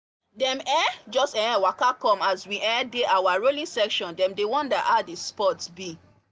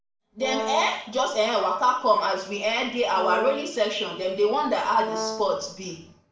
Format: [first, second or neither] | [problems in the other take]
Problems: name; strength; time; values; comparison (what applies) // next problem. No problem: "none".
first | background sound (Brass instrument); 8 dB below the speech // room echo; dies away in 0.5 s